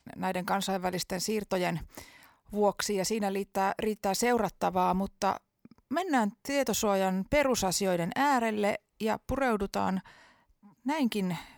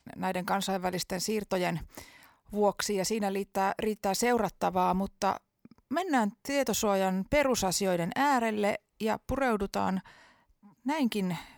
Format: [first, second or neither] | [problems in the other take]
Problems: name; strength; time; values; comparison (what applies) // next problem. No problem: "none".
neither | none